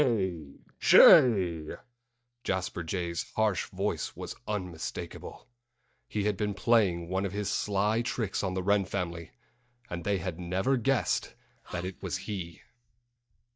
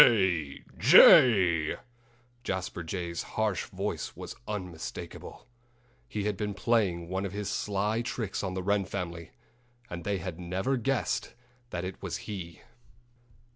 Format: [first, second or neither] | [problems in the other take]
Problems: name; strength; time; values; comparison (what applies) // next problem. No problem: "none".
second | noise reduction (neural mask model DeepFilterNet 3)